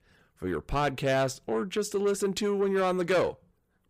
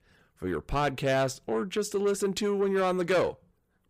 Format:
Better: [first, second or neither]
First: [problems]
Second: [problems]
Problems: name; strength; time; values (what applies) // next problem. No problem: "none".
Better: neither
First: distortion; slight; 10 dB below the speech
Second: distortion; slight; 10 dB below the speech